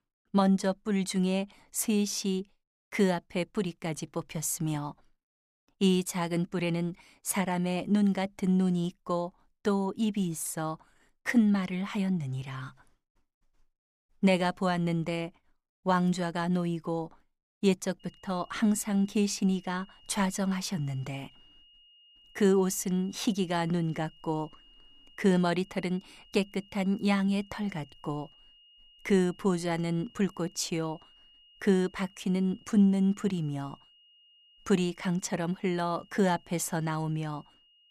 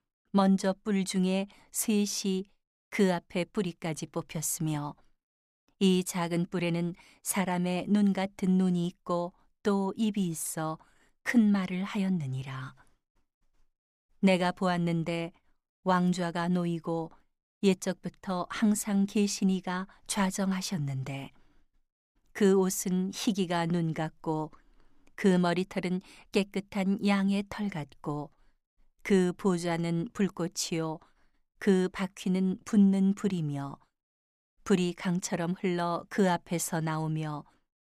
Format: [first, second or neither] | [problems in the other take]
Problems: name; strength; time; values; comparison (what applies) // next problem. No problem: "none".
second | high-pitched whine; faint; from 18 s on; 3 kHz, 30 dB below the speech